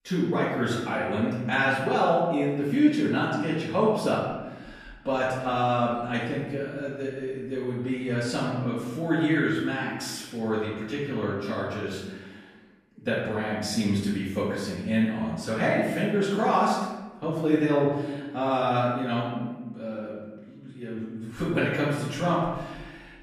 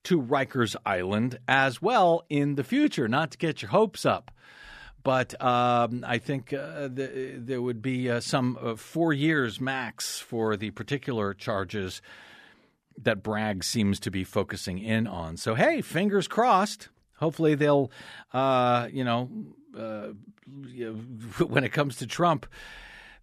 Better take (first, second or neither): second